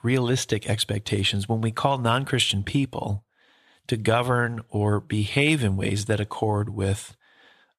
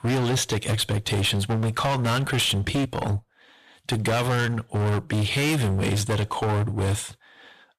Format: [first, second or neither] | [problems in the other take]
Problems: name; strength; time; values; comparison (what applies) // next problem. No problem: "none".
first | distortion; heavy; 27% of the sound clipped